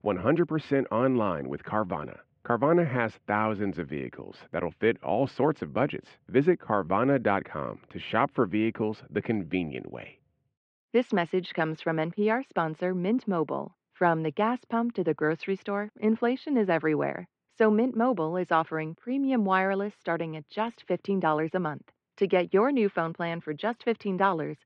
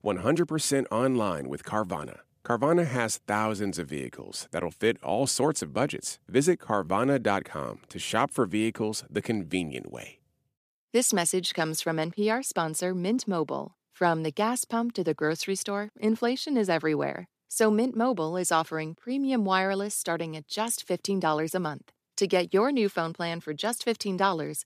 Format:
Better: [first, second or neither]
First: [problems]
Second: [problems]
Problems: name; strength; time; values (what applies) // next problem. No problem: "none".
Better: second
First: muffled; very; fading above 2.5 kHz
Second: none